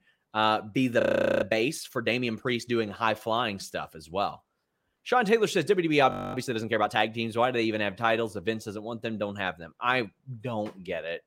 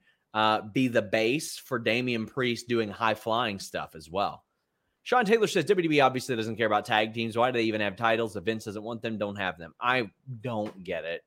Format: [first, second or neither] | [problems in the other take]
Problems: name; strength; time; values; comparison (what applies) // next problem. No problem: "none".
second | audio freezing; at 1 s and at 6 s